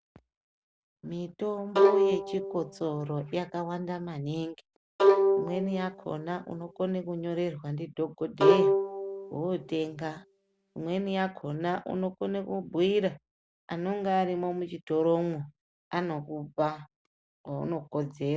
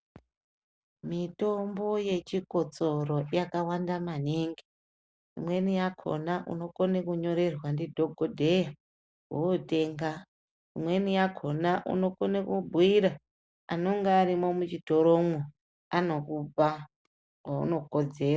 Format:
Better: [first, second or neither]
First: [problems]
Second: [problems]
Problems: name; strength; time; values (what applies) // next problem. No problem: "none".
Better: second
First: background sound (Bowed string instrument); 3 dB above the speech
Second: none